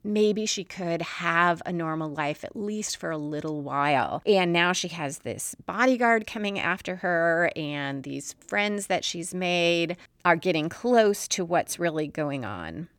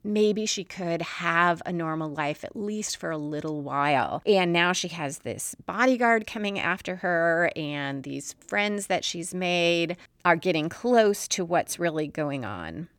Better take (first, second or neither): neither